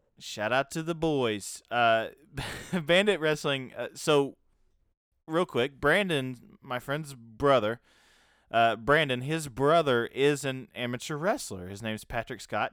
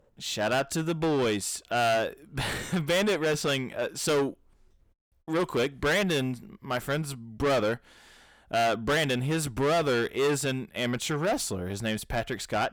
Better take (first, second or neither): first